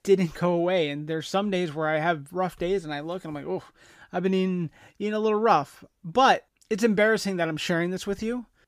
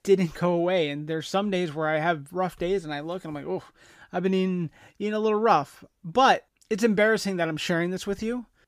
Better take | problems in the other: neither | none

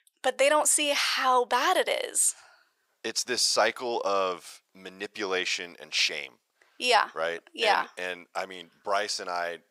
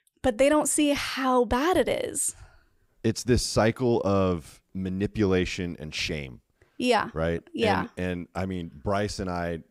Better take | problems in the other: second | thin; very; fading below 750 Hz

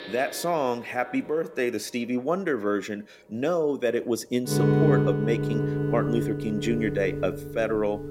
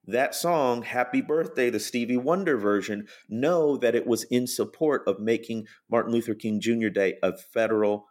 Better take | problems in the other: second | background music; very loud; throughout; 1 dB above the speech

